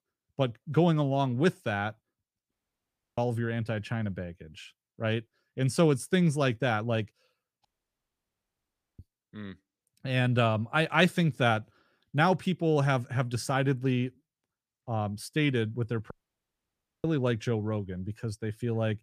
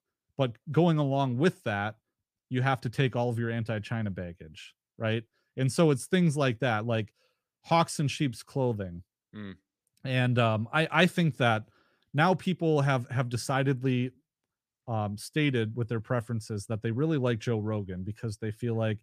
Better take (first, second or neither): second